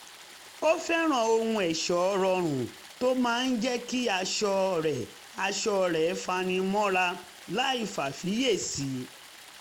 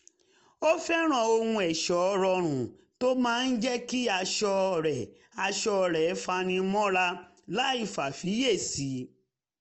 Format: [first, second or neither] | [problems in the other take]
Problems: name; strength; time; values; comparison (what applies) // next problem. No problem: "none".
second | background sound (Stream); 20 dB below the speech